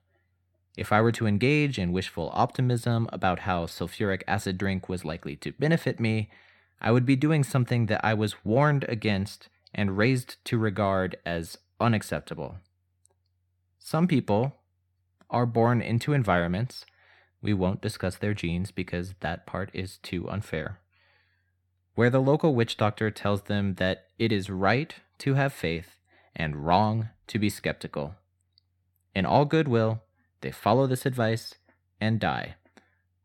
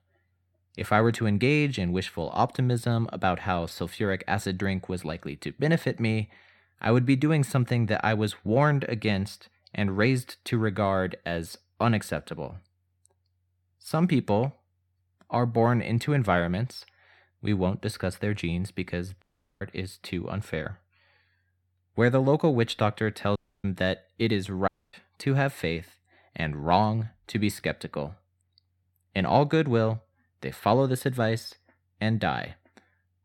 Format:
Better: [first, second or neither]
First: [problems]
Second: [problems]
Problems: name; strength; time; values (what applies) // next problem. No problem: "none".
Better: first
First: none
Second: audio cutting out; at 19 s, at 23 s and at 25 s